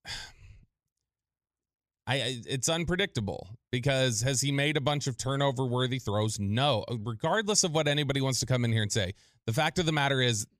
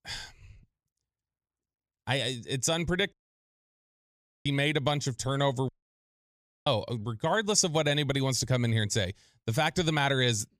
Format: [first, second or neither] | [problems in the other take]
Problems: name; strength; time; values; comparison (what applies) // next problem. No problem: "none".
first | audio cutting out; at 3 s for 1.5 s and at 5.5 s for 1 s